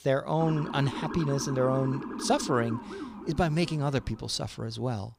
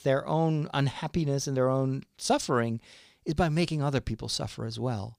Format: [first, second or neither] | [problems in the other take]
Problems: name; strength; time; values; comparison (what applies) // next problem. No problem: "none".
second | siren; noticeable; until 4.5 s; peak 7 dB below the speech